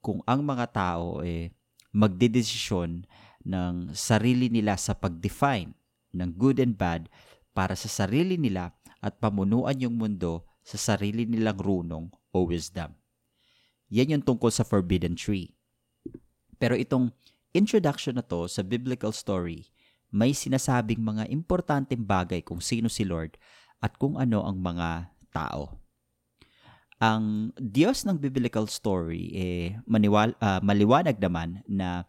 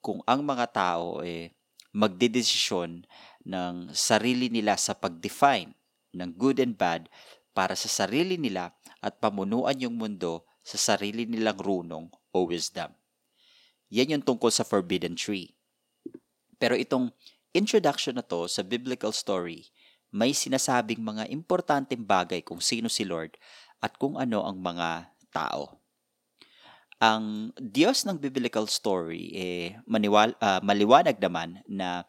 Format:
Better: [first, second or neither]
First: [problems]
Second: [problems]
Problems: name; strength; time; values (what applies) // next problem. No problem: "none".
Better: first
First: none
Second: thin; somewhat; fading below 300 Hz